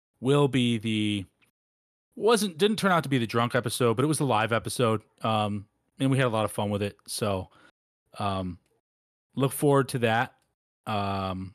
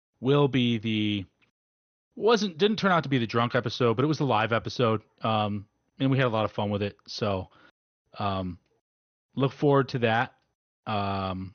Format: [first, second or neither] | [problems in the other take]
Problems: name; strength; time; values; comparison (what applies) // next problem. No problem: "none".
first | garbled, watery; slightly; nothing above 6.5 kHz